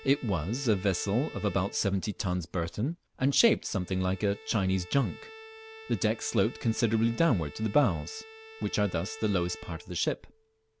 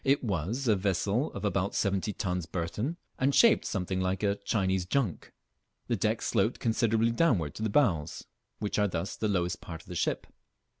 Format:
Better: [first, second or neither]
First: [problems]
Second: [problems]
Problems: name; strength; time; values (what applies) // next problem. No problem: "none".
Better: second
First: background sound (Bowed string instrument); 19 dB below the speech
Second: none